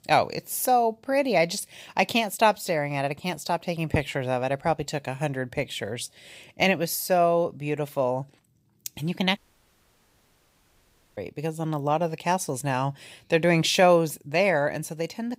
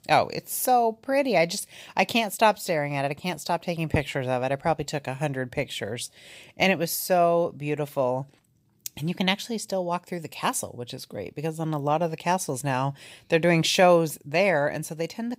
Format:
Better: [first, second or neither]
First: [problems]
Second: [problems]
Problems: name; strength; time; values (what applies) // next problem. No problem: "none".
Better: second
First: audio cutting out; at 9.5 s for 2 s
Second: none